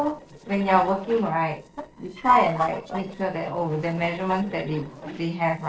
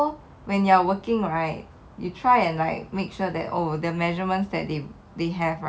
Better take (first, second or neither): second